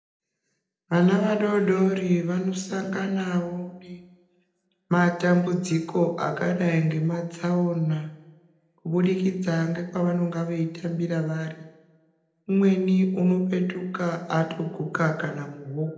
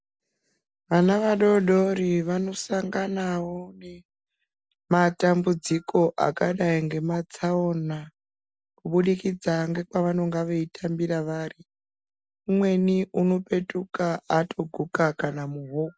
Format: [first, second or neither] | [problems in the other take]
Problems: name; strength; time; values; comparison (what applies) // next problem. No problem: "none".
second | room echo; dies away in 0.8 s